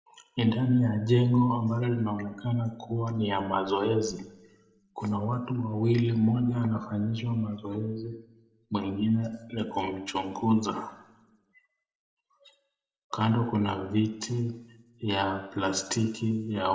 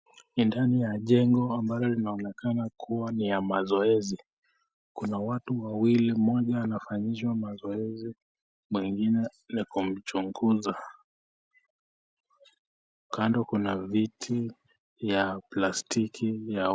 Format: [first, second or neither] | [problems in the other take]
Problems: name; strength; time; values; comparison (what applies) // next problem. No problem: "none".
second | room echo; dies away in 0.6 s